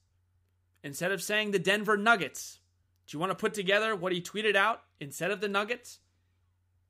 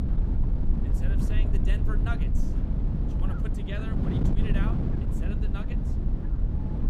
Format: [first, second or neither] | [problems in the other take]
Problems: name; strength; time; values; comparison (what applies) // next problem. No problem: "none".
first | wind noise on the microphone; heavy; 2 dB above the speech